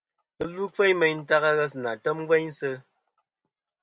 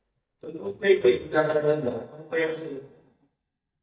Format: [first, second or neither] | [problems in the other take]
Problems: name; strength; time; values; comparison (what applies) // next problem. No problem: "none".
first | noise reduction (neural mask model DeepFilterNet 3)